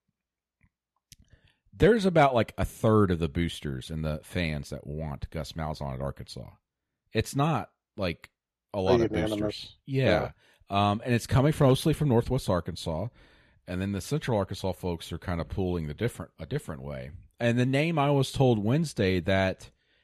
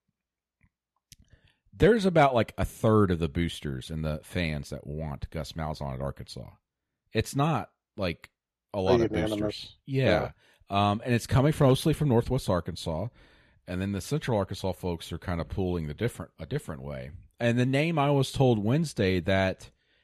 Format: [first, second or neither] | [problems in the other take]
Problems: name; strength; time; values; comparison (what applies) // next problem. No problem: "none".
neither | none